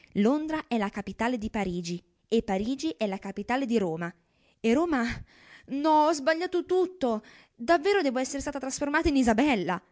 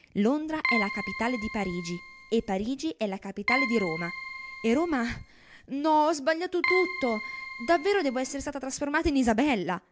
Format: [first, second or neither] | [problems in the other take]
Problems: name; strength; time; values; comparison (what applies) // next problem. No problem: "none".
first | background sound (Keyboard (musical)); 6 dB below the speech